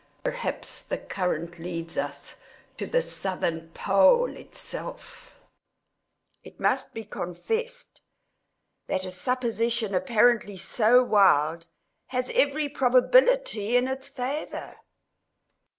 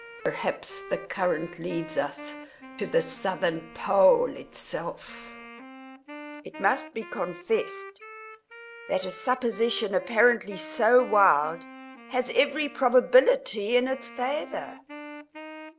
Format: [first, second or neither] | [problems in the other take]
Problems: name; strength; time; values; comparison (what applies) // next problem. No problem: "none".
first | background sound (Wind instrument, woodwind instrument); 17 dB below the speech